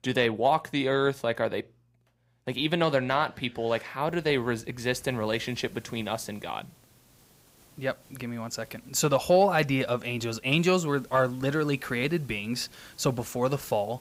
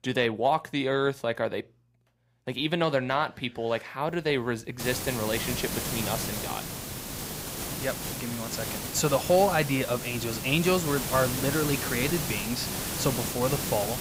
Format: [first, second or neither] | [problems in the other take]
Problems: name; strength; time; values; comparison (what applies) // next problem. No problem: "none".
first | hiss; loud; from 5 s on; 3 dB below the speech; faint in the first